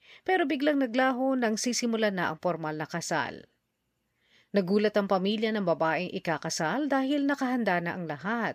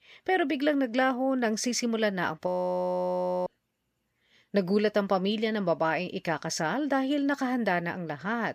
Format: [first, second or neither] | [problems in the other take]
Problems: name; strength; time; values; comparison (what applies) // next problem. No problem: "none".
first | audio freezing; at 2.5 s for 1 s